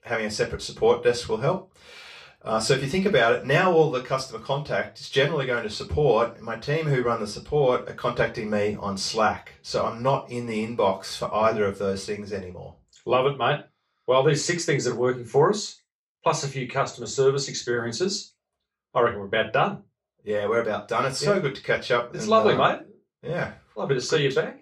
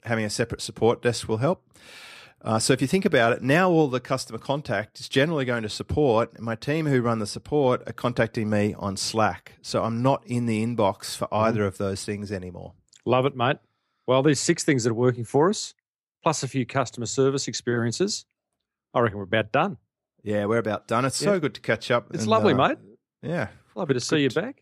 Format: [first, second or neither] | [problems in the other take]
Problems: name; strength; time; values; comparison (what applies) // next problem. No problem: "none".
second | room echo; slight; dies away in 0.3 s // off-mic speech; far